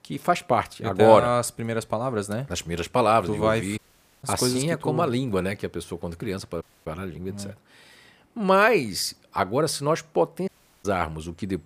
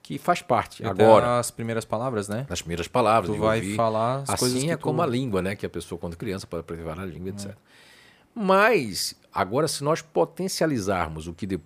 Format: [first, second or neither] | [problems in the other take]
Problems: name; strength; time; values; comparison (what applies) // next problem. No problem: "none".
second | audio cutting out; at 4 s, at 6.5 s and at 10 s